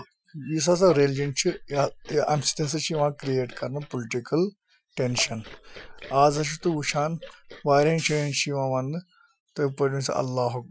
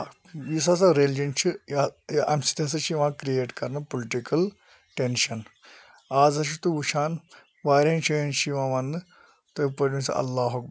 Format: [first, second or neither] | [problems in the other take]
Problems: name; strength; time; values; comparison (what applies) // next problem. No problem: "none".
second | noise reduction (classical method Wiener filter)